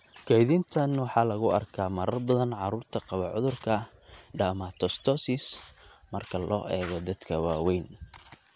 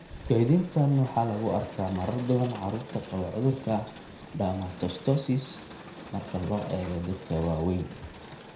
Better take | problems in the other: first | background sound (Crowd); 16 dB below the speech // room echo; dies away in 0.5 s

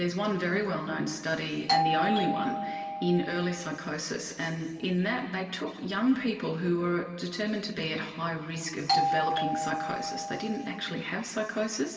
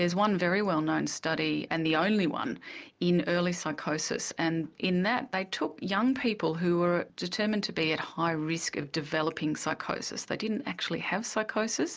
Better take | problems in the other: second | background sound (Doorbell); as loud as the speech // room echo; dies away in 2 s

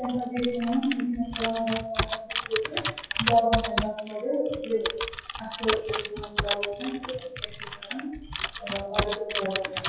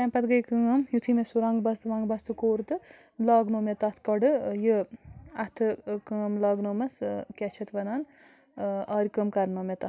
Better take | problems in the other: second | noise reduction (classical method WPE with log-MMSE)

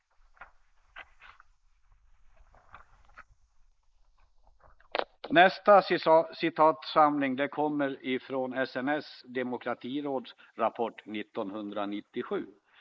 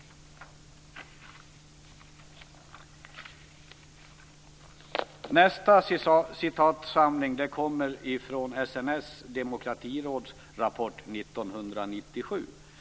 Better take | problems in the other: second | noise reduction (neural mask model Resemble Enhance denoiser)

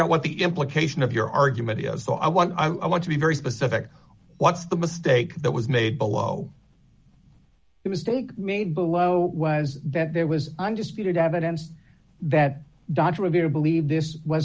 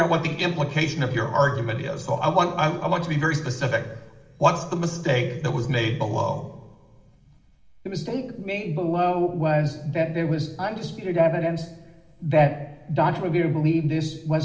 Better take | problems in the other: first | room echo; dies away in 1.9 s

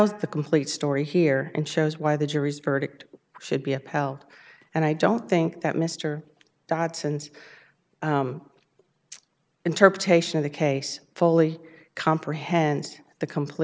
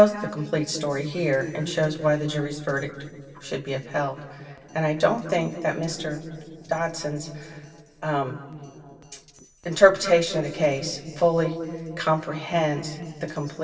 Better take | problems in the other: first | noise reduction (neural separator model SepFormer DNS4)

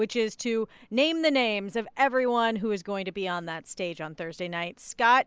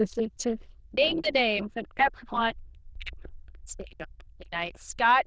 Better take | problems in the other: first | noise reduction (neural diffusion model UNIVERSE++)

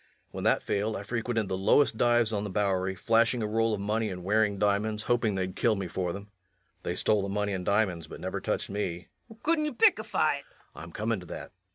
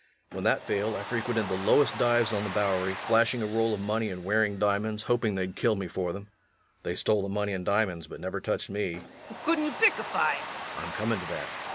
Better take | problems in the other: first | background sound (Domestic sounds, home sounds); 12 dB below the speech

